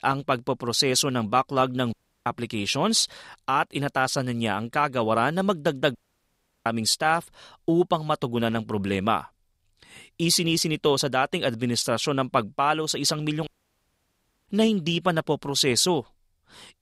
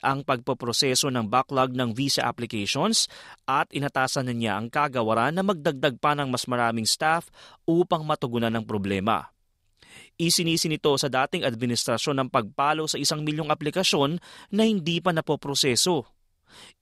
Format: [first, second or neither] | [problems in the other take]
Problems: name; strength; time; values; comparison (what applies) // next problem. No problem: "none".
second | audio cutting out; at 2 s, at 6 s for 0.5 s and at 13 s for 1 s